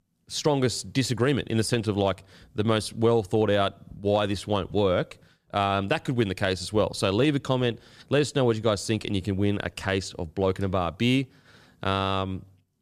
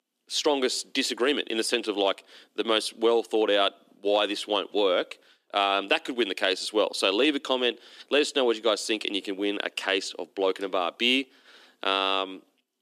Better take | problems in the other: first | thin; somewhat; fading below 300 Hz

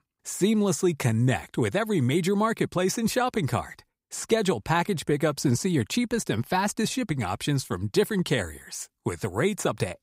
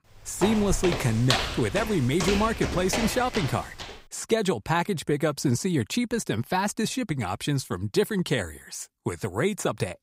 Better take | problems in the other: first | footsteps; loud; until 4 s; peak 1 dB above the speech

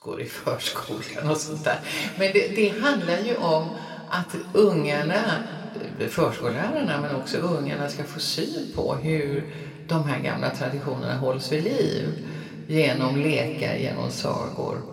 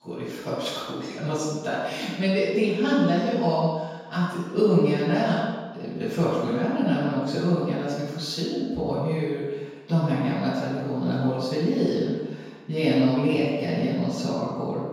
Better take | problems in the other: first | room echo; strong; dies away in 1.2 s; slight in the first // off-mic speech; far; somewhat distant in the first

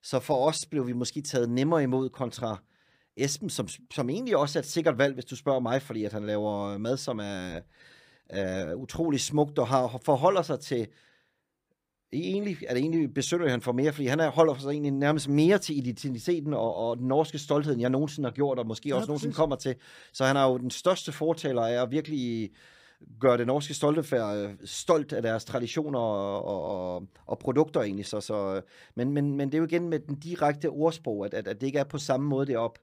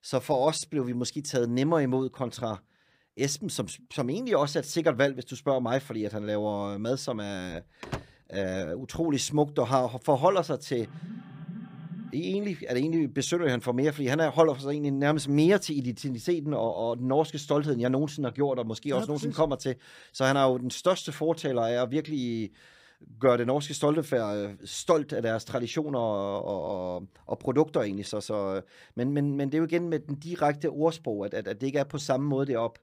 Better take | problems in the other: first | door banging; faint; at 8 s; peak 10 dB below the speech // alarm; faint; from 11 to 12 s; peak 15 dB below the speech

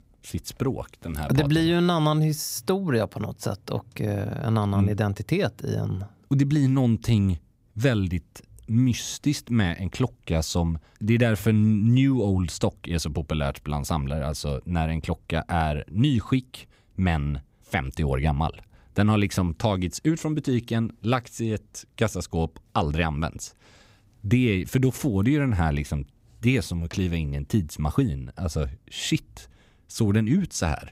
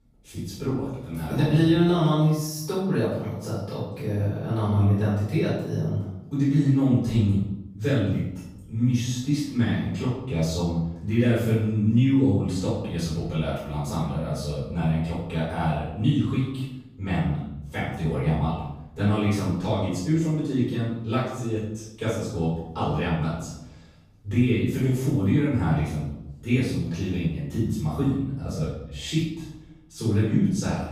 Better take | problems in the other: first | off-mic speech; far // room echo; noticeable; dies away in 0.8 s

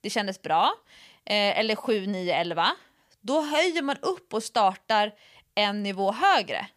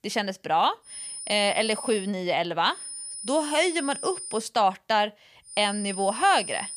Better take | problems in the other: first | high-pitched whine; loud; from 1 to 2 s, from 3 to 4.5 s and from 5.5 s on; 9.5 kHz, 9 dB below the speech

